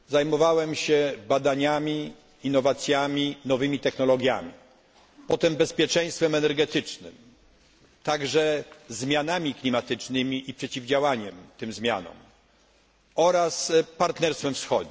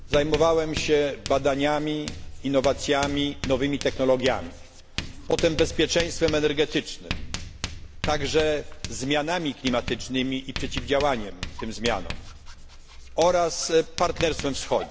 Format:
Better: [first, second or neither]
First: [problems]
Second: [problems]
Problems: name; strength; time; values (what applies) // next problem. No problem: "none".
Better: first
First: none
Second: background sound (Writing); 9 dB below the speech